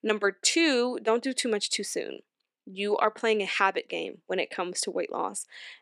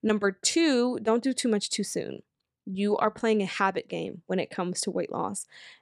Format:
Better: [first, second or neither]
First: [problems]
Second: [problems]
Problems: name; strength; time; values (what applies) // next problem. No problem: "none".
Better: second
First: thin; very slightly; fading below 300 Hz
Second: none